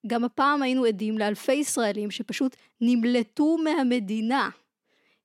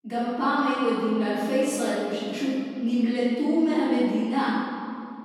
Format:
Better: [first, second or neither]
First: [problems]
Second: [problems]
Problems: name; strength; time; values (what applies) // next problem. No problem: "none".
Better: first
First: none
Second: room echo; strong; dies away in 2.1 s // off-mic speech; far